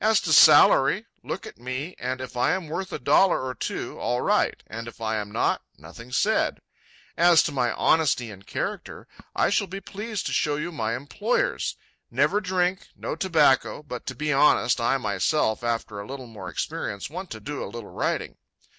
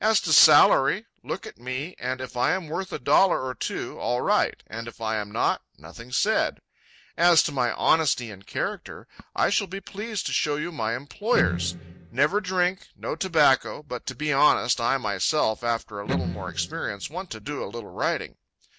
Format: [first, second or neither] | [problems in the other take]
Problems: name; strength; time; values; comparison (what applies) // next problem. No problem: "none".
first | background sound (Electric guitar); 6 dB below the speech